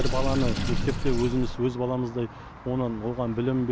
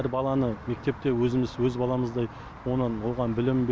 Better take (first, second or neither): second